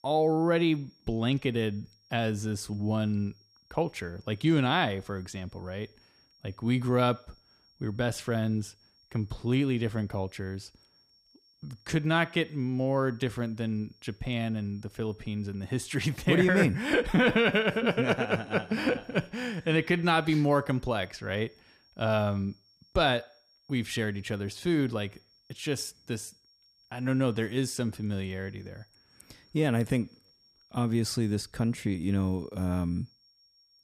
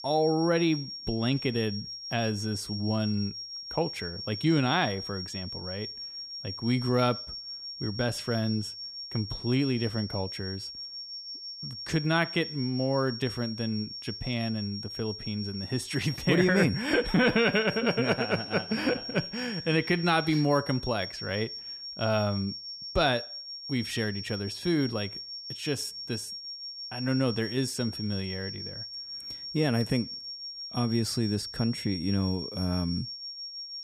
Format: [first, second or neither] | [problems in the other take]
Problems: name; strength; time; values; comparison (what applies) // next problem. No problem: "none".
first | high-pitched whine; loud; throughout; 5.5 kHz, 8 dB below the speech; faint in the first